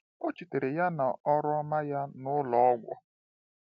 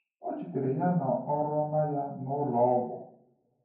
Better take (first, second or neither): first